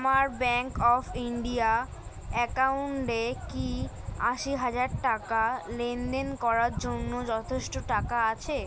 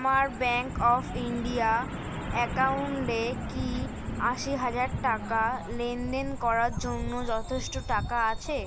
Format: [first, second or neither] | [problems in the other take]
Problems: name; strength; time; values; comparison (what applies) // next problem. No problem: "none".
first | background sound (Truck); 8 dB below the speech